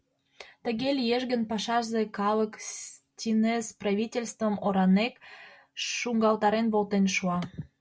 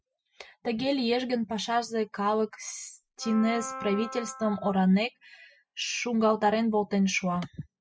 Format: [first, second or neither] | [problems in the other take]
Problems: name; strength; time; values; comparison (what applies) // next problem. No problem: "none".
first | noise reduction (classical method spectral subtraction)